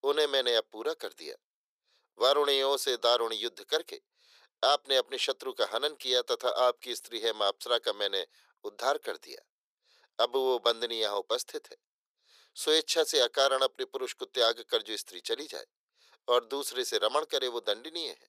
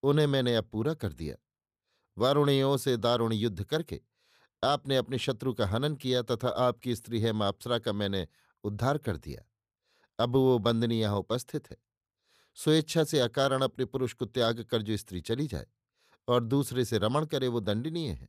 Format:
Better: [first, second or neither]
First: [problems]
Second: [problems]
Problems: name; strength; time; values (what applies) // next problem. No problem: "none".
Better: second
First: thin; very; fading below 400 Hz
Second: none